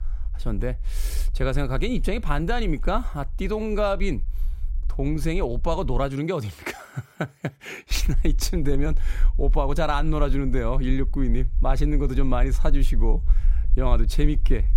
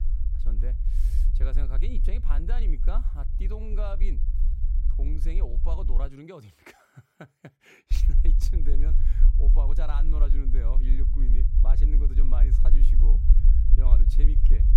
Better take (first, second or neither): first